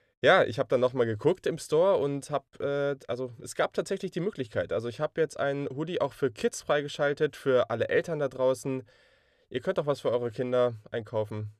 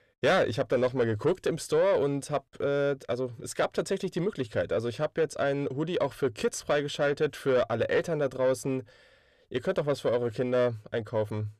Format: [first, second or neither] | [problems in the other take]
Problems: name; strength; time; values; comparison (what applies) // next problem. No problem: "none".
first | distortion; slight; 10 dB below the speech